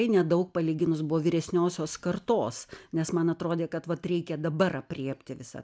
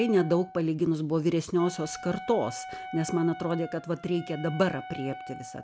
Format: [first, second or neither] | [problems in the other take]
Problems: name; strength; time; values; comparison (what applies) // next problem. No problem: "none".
first | background sound (Wind instrument, woodwind instrument); 14 dB below the speech